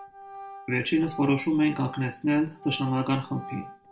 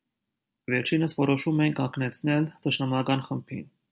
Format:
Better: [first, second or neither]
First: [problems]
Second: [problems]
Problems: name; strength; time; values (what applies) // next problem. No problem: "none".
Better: second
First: background sound (Organ); 16 dB below the speech // room echo; dies away in 0.3 s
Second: none